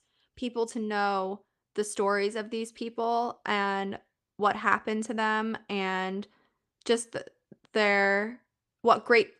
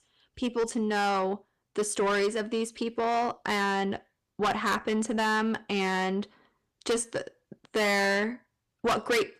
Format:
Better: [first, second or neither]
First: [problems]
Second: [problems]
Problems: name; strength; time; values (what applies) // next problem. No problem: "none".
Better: first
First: none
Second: distortion; heavy; 6 dB below the speech